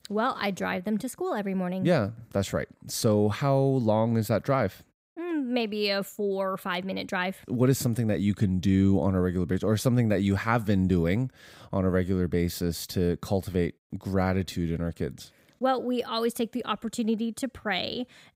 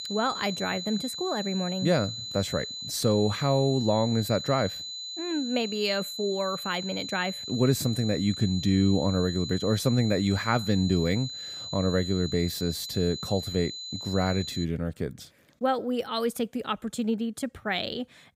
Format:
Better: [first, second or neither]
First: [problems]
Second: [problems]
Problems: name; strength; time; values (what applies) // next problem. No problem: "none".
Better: first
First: none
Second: high-pitched whine; loud; until 15 s; 4 kHz, 7 dB below the speech